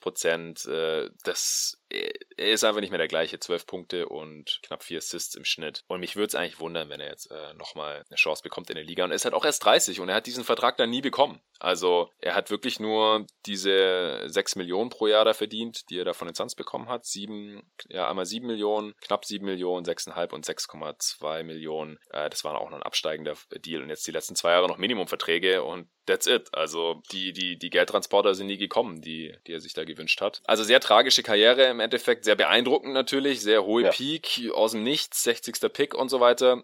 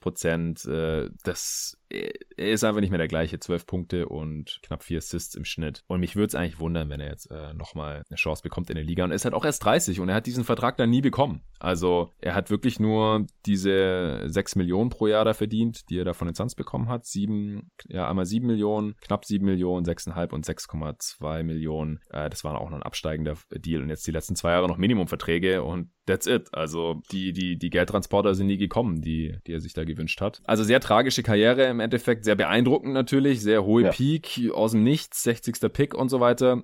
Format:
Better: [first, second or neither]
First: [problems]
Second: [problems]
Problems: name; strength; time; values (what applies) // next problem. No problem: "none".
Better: second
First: thin; somewhat; fading below 500 Hz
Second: none